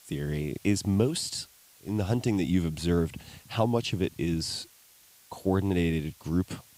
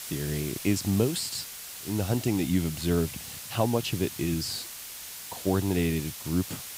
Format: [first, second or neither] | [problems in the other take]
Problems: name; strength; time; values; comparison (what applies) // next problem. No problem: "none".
first | hiss; loud; throughout; 9 dB below the speech; faint in the first